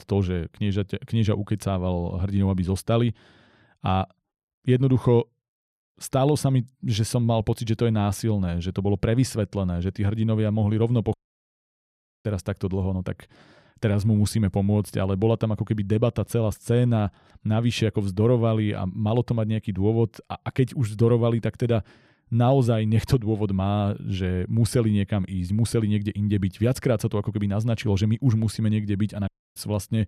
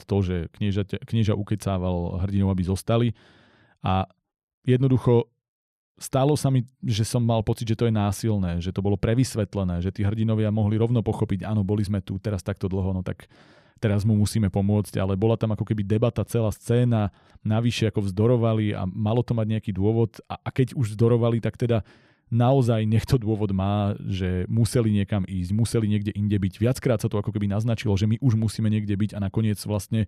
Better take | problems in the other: second | audio cutting out; at 11 s for 1 s and at 29 s

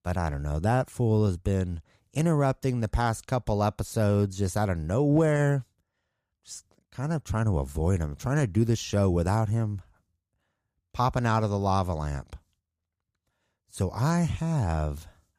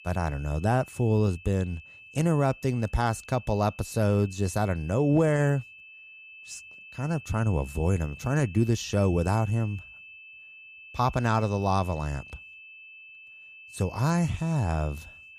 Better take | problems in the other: first | high-pitched whine; noticeable; throughout; 2.5 kHz, 20 dB below the speech

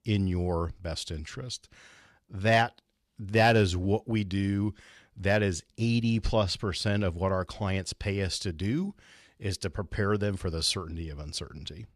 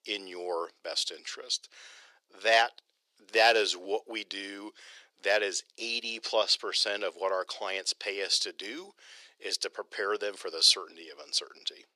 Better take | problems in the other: first | thin; very; fading below 400 Hz

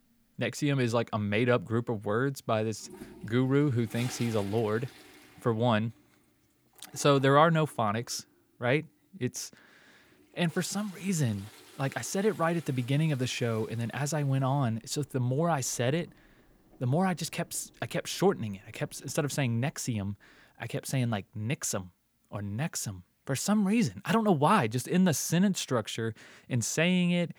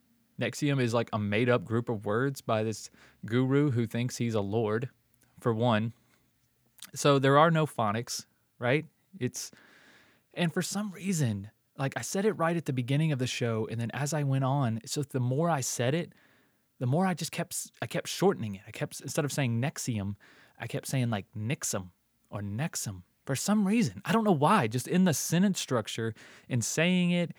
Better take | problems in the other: second | household noises; faint; until 20 s; 25 dB below the speech

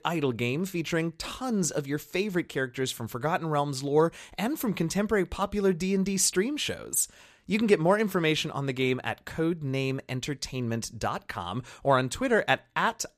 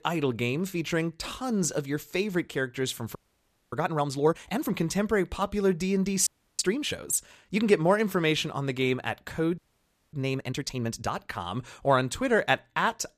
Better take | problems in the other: first | audio freezing; at 3 s for 0.5 s, at 6.5 s and at 9.5 s for 0.5 s

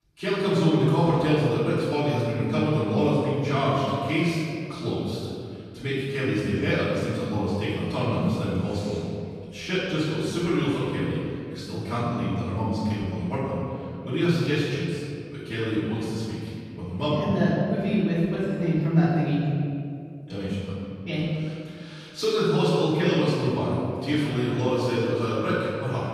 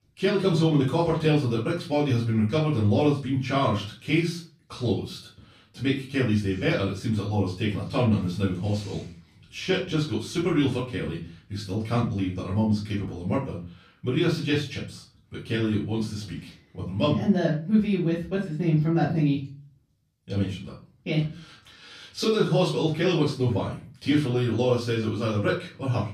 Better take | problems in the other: second | room echo; strong; dies away in 2.1 s; slight in the second // off-mic speech; far; far in the second

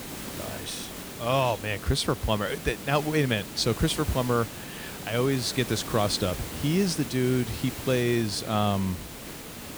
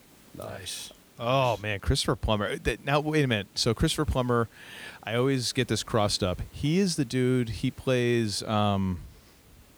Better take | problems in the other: second | hiss; loud; throughout; 10 dB below the speech; faint in the second

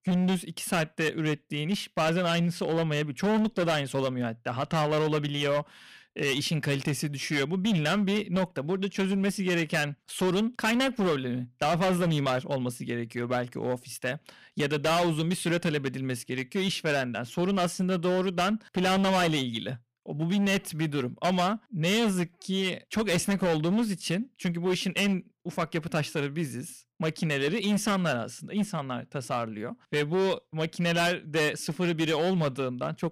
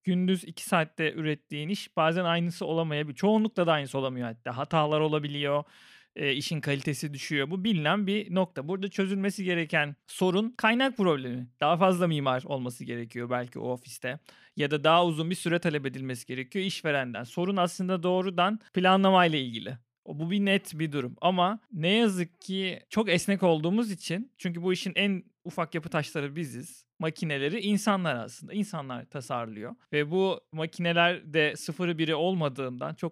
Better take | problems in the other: second | distortion; heavy; 13% of the sound clipped

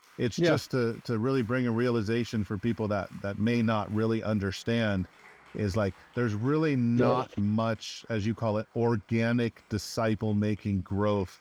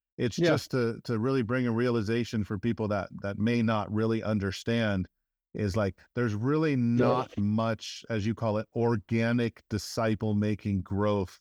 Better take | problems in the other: second | crowd noise; faint; throughout; 30 dB below the speech

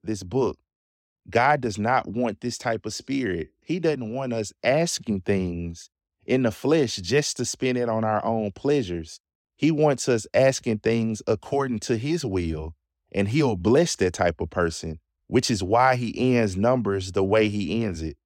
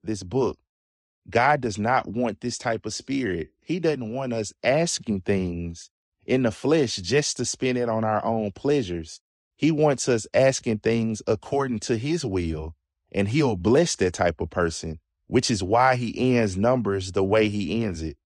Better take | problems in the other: first | garbled, watery; slightly

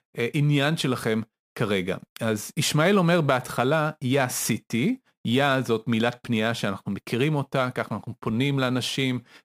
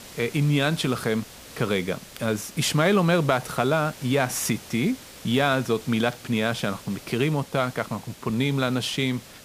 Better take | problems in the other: first | hiss; noticeable; throughout; 20 dB below the speech

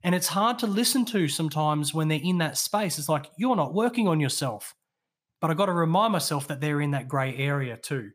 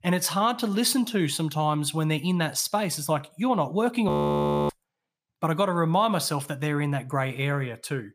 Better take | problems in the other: first | audio freezing; at 4 s for 0.5 s

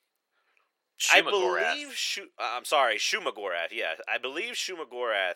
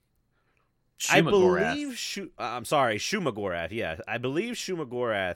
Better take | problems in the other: second | thin; very; fading below 450 Hz

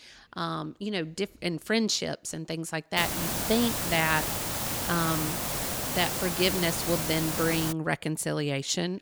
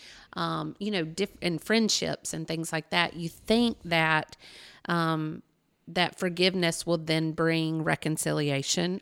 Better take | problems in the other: second | hiss; loud; from 3 to 7.5 s; as loud as the speech

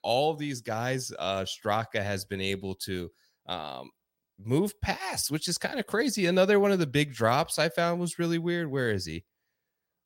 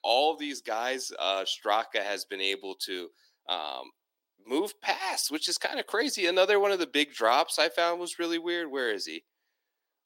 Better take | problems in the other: first | thin; somewhat; fading below 300 Hz

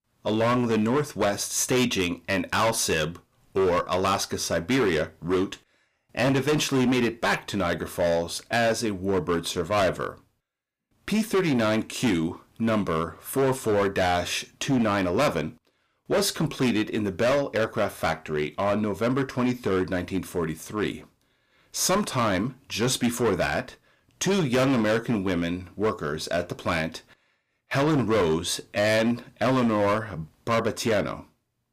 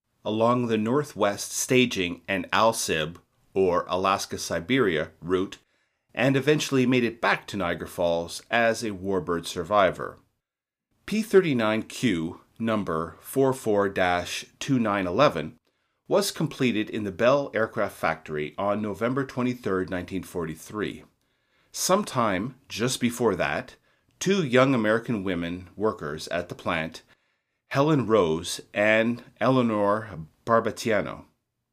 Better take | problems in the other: second | distortion; heavy; 11% of the sound clipped

